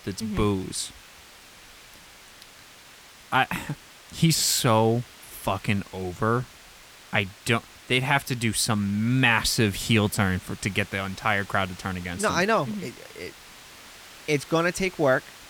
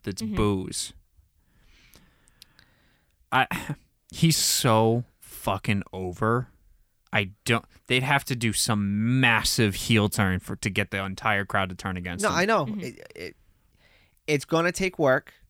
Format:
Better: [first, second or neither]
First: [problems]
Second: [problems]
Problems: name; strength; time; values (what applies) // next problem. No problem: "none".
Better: second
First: hiss; faint; throughout; 20 dB below the speech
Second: none